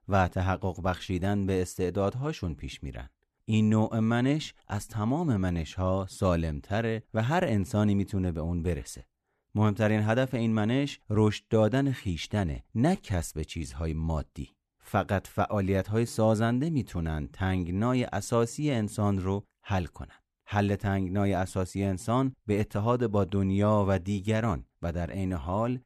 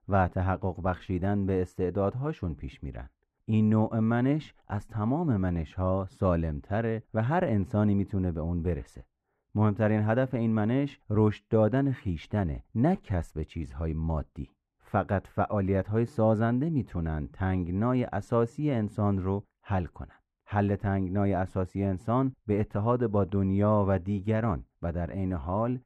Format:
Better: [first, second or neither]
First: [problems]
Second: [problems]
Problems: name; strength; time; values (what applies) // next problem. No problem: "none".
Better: first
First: none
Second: muffled; very; fading above 3 kHz